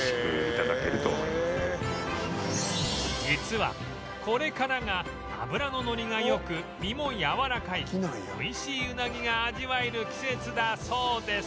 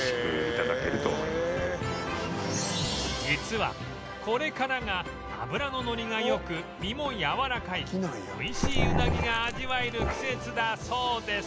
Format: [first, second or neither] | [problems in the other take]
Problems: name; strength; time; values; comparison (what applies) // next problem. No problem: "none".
first | background sound (Growling); 1 dB above the speech